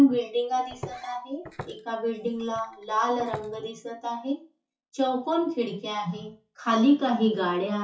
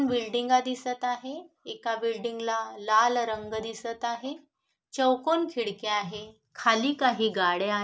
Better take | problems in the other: second | noise reduction (classical method WPE with log-MMSE)

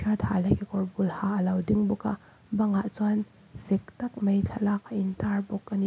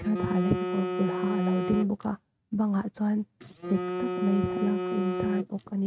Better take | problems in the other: first | noise reduction (neural mask model RNNoise)

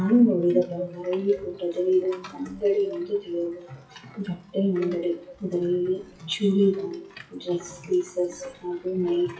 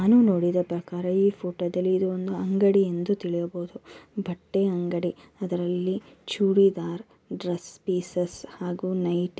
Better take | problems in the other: second | noise reduction (classical method WPE with log-MMSE)

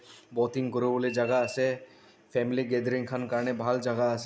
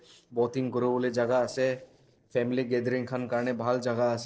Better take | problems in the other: first | noise reduction (neural separator model SepFormer DNS4)

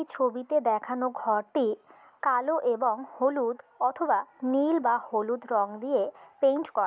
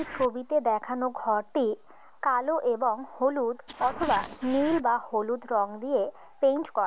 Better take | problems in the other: first | noise reduction (neural mask model Resemble Enhance denoiser)

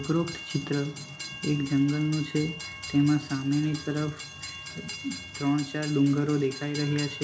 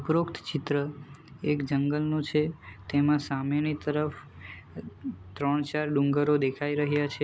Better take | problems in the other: second | background sound (Train); 12 dB below the speech // room echo; dies away in 0.4 s

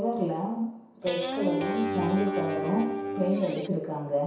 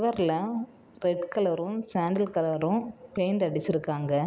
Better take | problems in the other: second | background sound (Guitar); 2 dB below the speech // room echo; dies away in 0.7 s

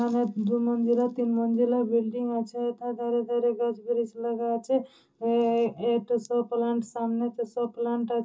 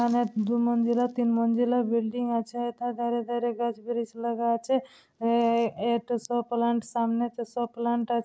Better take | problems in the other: second | room echo; dies away in 0.2 s

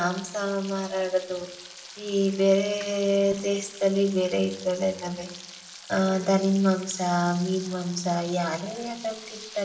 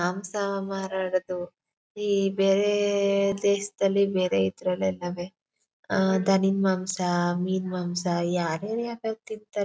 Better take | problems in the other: second | background sound (Frying (food)); 18 dB below the speech // room echo; dies away in 1.3 s

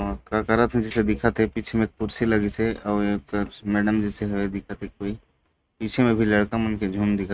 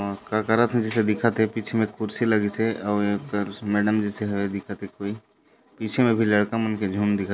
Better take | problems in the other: second | noise reduction (neural mask model RNNoise)

